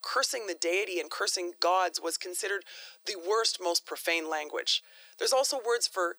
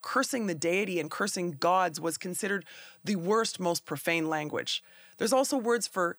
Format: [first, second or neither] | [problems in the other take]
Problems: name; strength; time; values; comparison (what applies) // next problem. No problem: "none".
second | thin; very; fading below 350 Hz